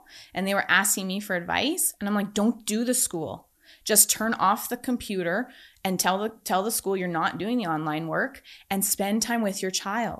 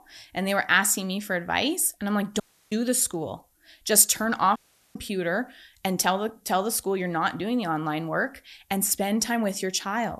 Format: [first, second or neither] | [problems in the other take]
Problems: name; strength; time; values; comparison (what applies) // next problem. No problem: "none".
first | audio cutting out; at 2.5 s and at 4.5 s